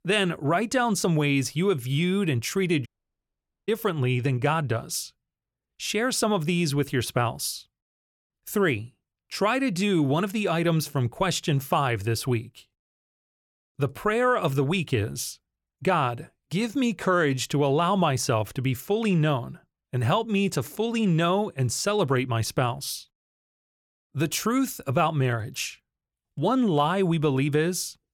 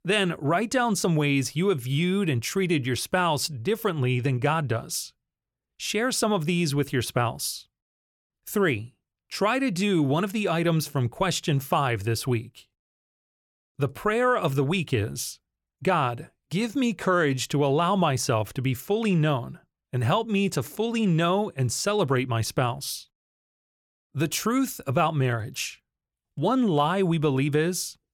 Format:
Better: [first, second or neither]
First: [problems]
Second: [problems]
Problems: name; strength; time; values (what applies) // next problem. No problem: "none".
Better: second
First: audio cutting out; at 3 s for 1 s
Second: none